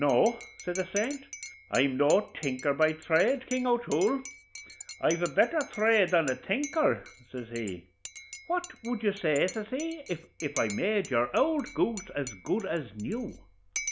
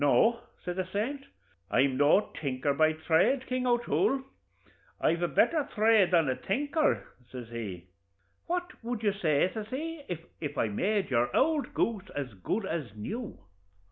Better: second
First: background sound (Cutlery, silverware / Dishes, pots, and pans / Chink, clink); 15 dB below the speech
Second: none

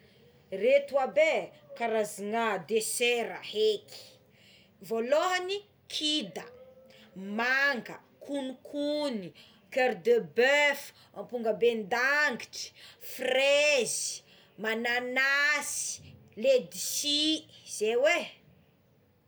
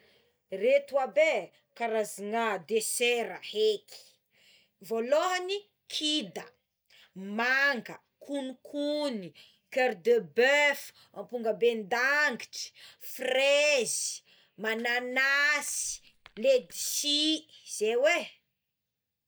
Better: first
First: none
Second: noise reduction (neural mask model DeepFilterNet 3)

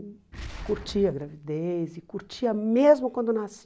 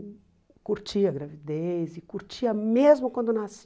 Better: second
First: background sound (Boom); 18 dB below the speech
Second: none

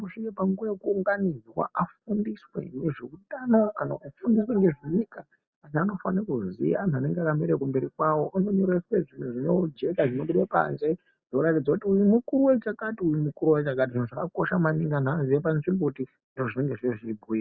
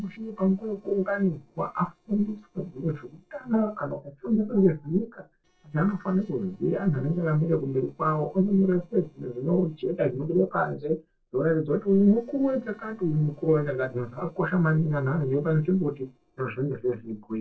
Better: first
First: none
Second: noise reduction (neural separator model SepFormer DNS4)

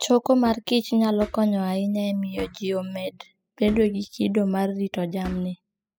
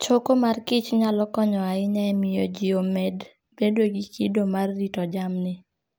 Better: second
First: noise reduction (classical method spectral subtraction)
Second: none

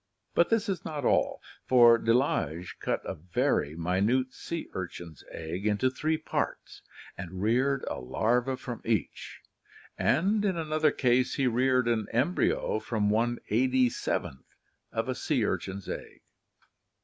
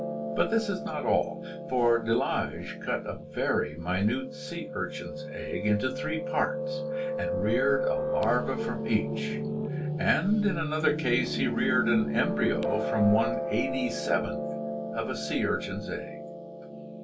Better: first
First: none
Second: background sound (Piano); 3 dB below the speech // room echo; dies away in 0.2 s

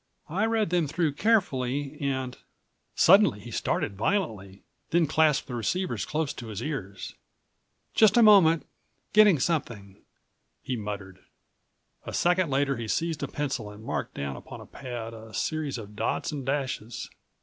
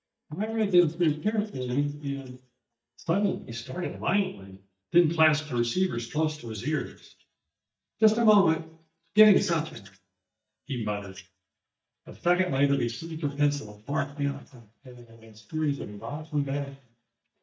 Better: first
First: none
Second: noise reduction (neural mask model DeepFilterNet 3)

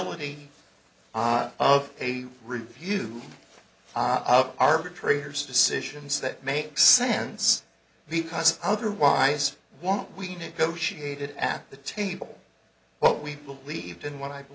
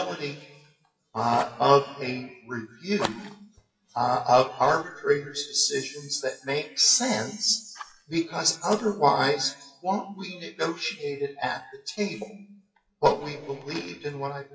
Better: first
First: none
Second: noise reduction (classical method WPE with log-MMSE)

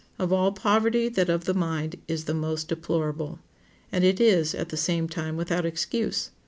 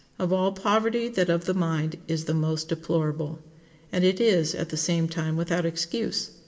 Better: first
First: none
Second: room echo; dies away in 1.8 s

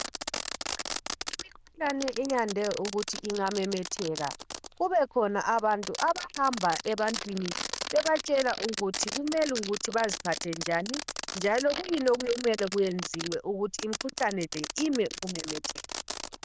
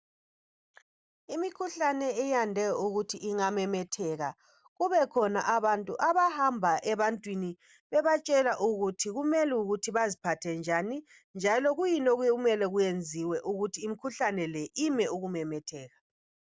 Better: second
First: noise reduction (neural diffusion model UNIVERSE++)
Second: none

